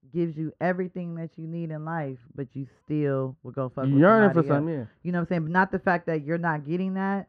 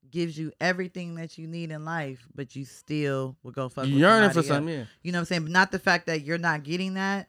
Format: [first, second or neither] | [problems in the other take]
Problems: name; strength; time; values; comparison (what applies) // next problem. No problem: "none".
second | muffled; very; fading above 3.5 kHz